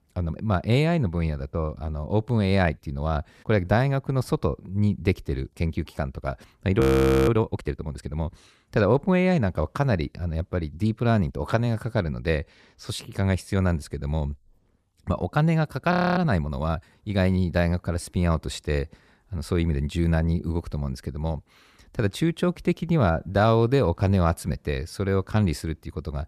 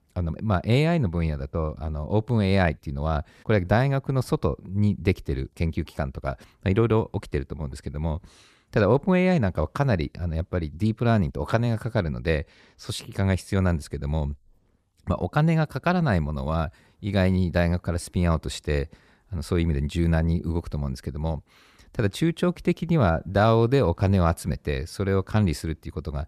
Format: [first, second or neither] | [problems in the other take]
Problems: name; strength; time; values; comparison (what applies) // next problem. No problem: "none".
second | audio freezing; at 7 s and at 16 s